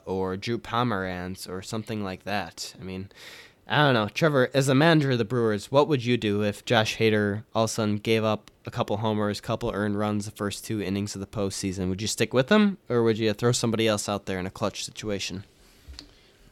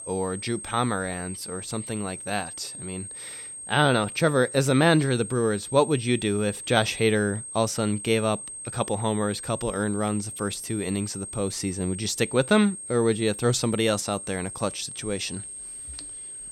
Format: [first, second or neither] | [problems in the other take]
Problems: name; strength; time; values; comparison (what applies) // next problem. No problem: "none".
first | high-pitched whine; loud; throughout; 8.5 kHz, 10 dB below the speech